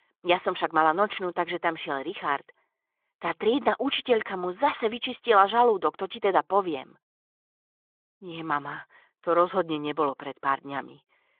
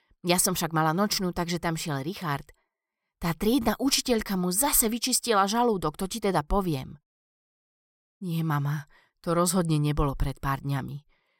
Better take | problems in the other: second | phone-call audio; nothing above 3.5 kHz

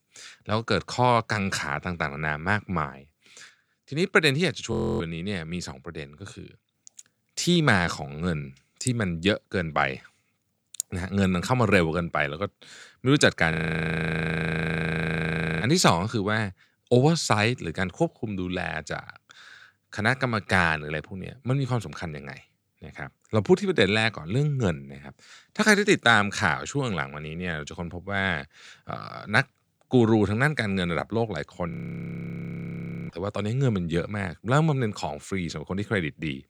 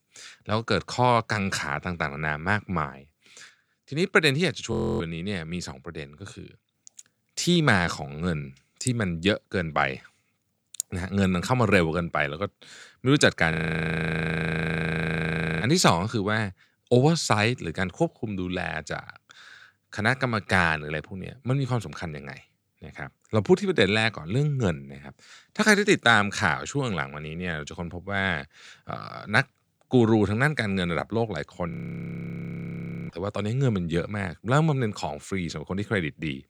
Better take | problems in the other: neither | audio freezing; at 4.5 s, at 14 s for 2 s and at 32 s for 1.5 s; the same in both

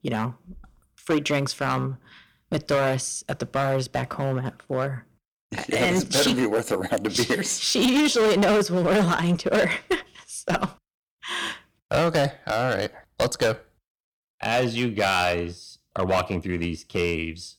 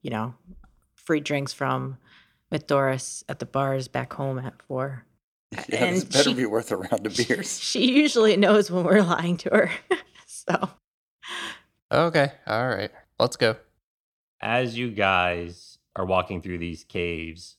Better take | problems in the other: second | distortion; heavy; 9% of the sound clipped

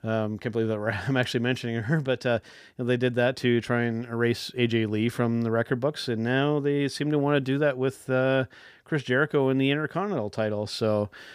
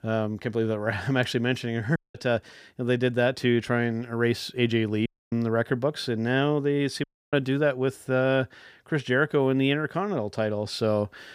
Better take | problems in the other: first | audio cutting out; at 2 s, at 5 s and at 7 s

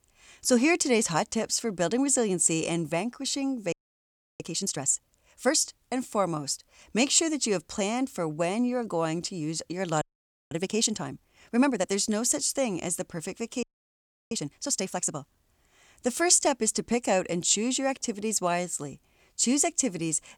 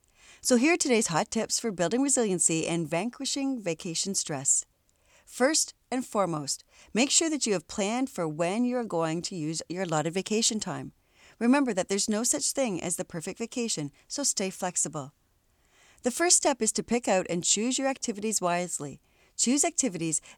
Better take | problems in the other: second | audio freezing; at 3.5 s for 0.5 s, at 10 s and at 14 s for 0.5 s

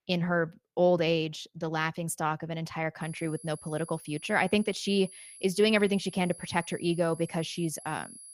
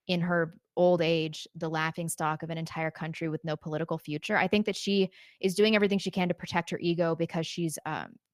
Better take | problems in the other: second | high-pitched whine; noticeable; from 3 s on; 10.5 kHz, 15 dB below the speech

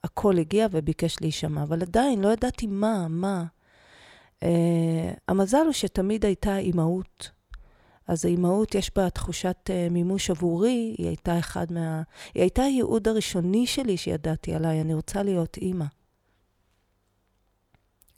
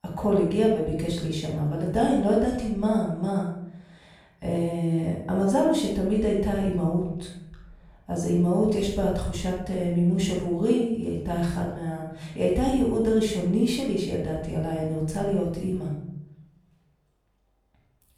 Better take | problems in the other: first | room echo; noticeable; dies away in 0.7 s // off-mic speech; far

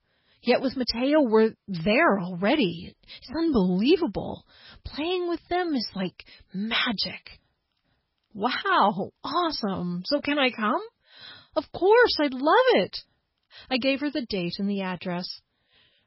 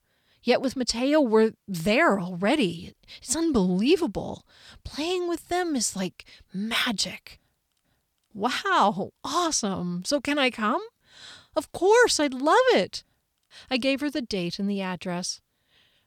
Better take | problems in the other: second | garbled, watery; badly; nothing above 5.5 kHz

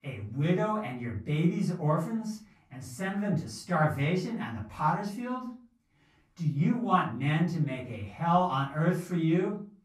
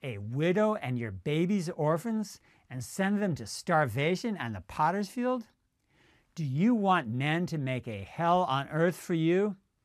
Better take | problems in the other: second | off-mic speech; far // room echo; slight; dies away in 0.3 s

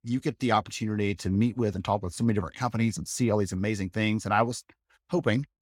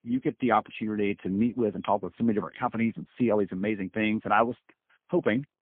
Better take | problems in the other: first | phone-call audio; poor line; nothing above 3.5 kHz

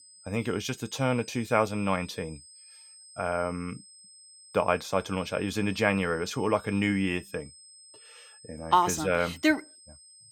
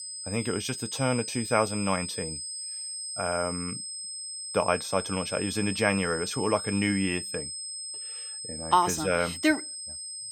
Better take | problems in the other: first | high-pitched whine; loud; throughout; 8.5 kHz, 6 dB below the speech; faint in the first

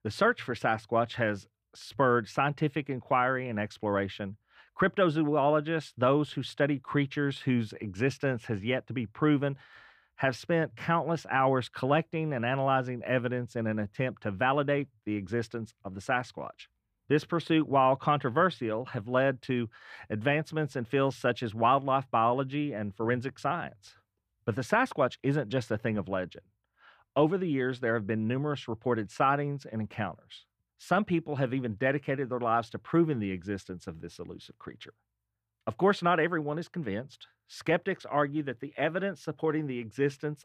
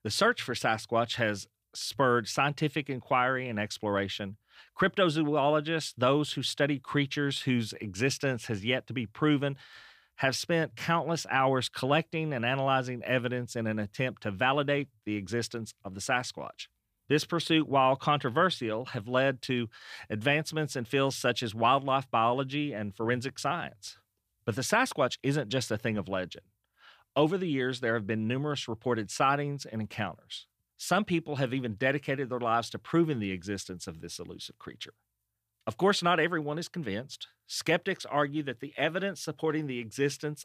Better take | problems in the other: second | muffled; slightly; fading above 3 kHz

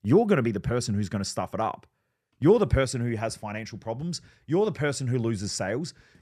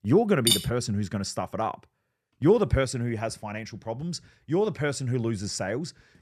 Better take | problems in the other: first | clattering dishes; loud; at 0.5 s; peak 4 dB above the speech

